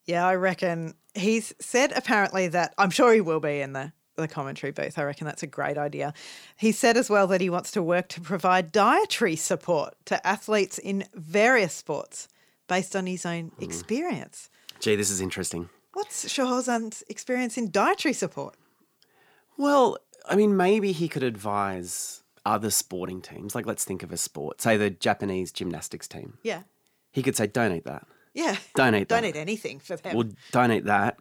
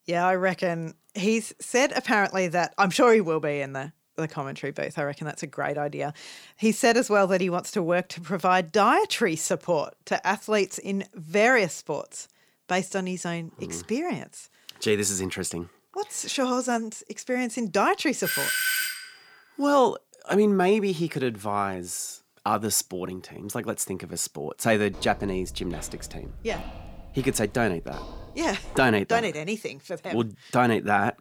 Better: first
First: none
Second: doorbell; loud; at 18 s; peak 2 dB above the speech // footsteps; faint; from 25 to 29 s; peak 15 dB below the speech

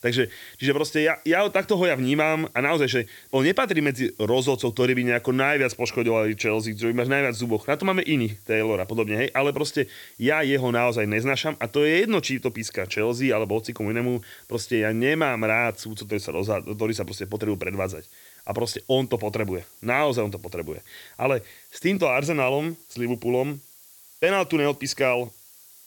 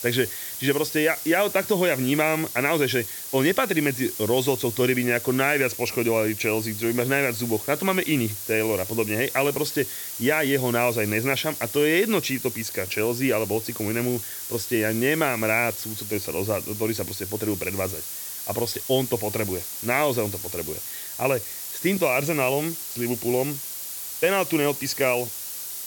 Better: first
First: hiss; faint; throughout; 25 dB below the speech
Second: hiss; loud; throughout; 7 dB below the speech

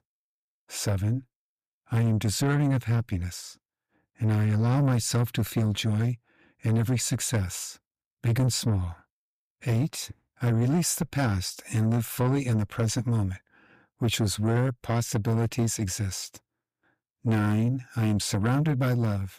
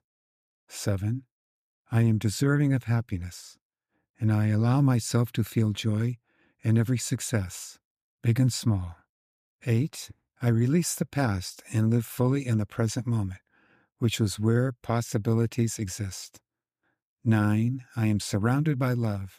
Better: second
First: distortion; slight; 9 dB below the speech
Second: none

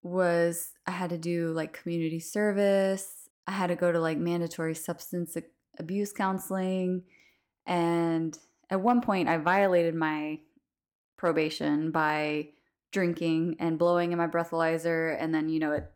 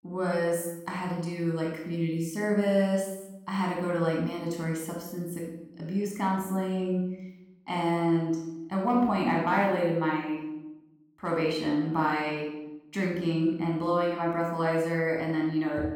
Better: first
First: none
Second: off-mic speech; somewhat distant // room echo; noticeable; dies away in 0.8 s

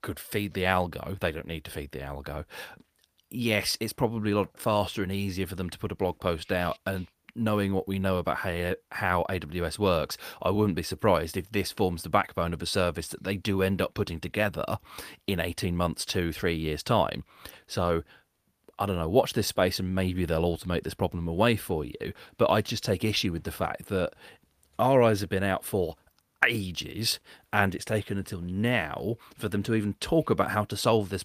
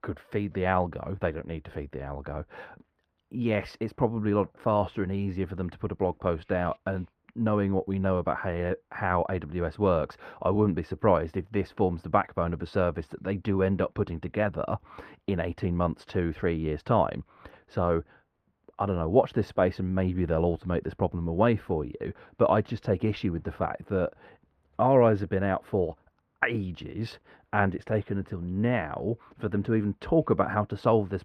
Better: first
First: none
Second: muffled; very; fading above 3.5 kHz

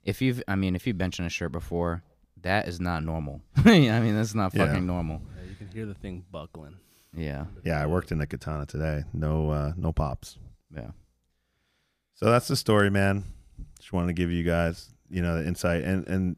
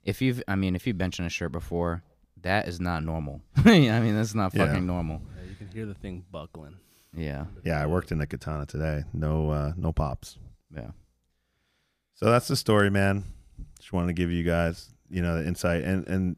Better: neither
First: none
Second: none

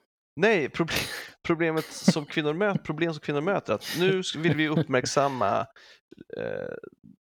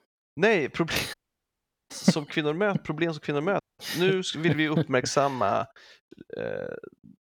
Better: first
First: none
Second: audio cutting out; at 1 s for 1 s and at 3.5 s

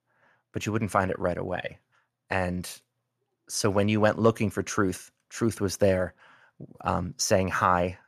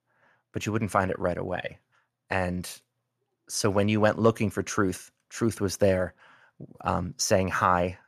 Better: neither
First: none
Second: none

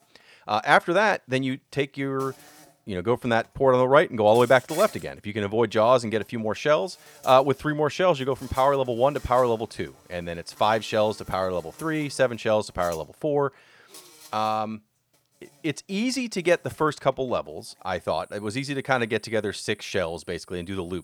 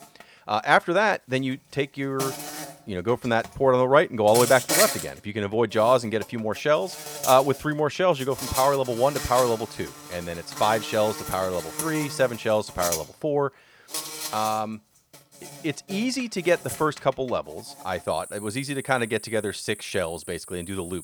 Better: first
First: animal sounds; faint; throughout; 25 dB below the speech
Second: animal sounds; loud; throughout; 7 dB below the speech

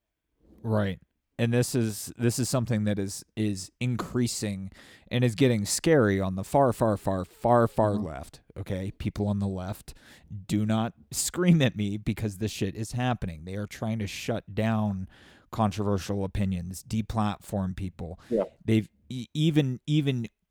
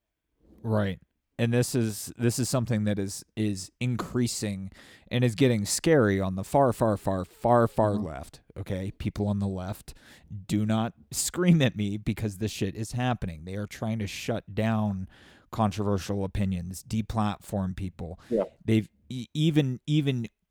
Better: neither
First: none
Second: none

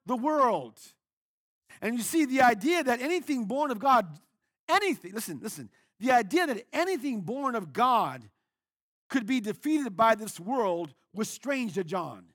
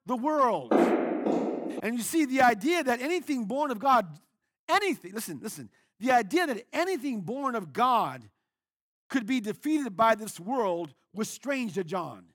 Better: first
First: none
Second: footsteps; loud; from 0.5 to 2 s; peak 4 dB above the speech

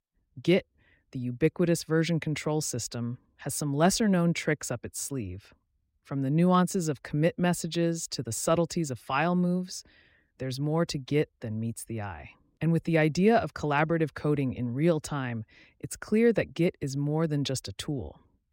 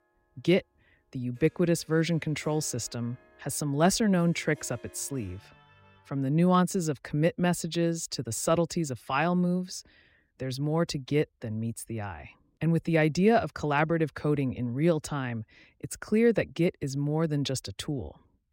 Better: first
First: none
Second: background music; faint; until 6.5 s; 30 dB below the speech

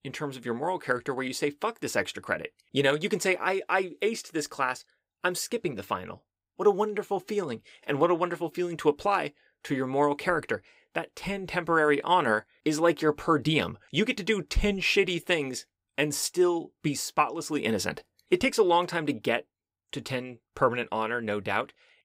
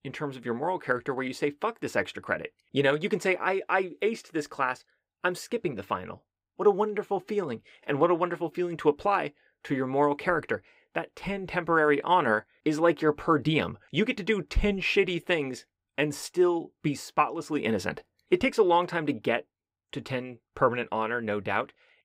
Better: first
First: none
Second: muffled; slightly; fading above 3.5 kHz

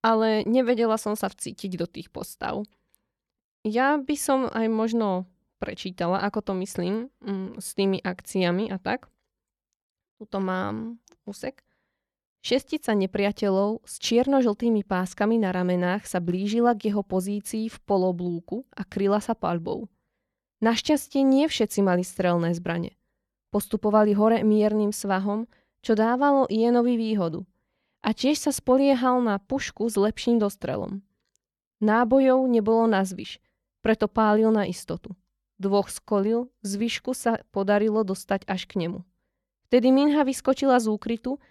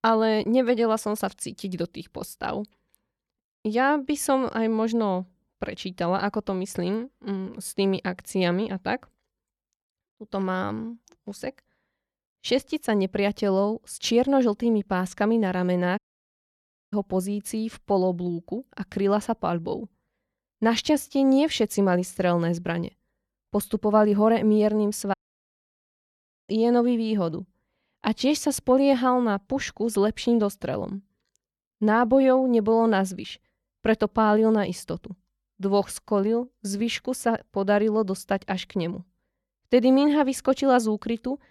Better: first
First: none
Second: audio cutting out; at 16 s for 1 s and at 25 s for 1.5 s

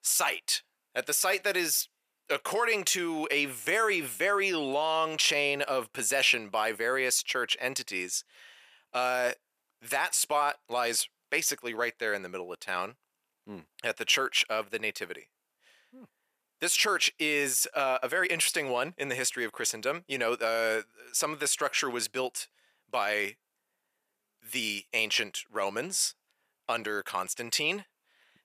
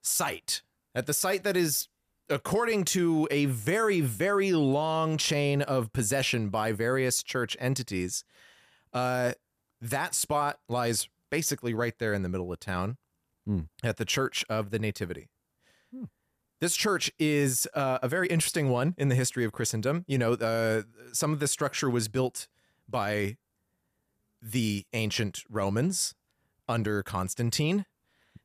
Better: second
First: thin; very; fading below 500 Hz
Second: none

